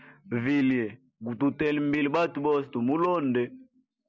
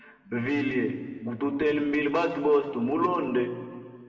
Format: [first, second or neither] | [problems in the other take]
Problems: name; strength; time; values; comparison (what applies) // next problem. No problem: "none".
first | room echo; dies away in 1.6 s